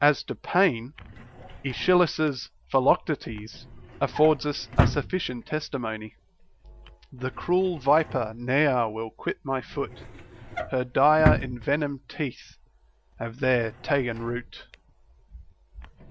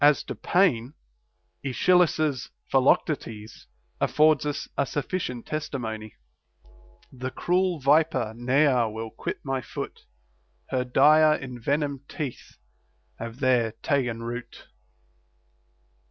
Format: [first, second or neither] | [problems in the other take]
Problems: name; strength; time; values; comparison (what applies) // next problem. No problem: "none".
second | background sound (Drawer open or close); 9 dB below the speech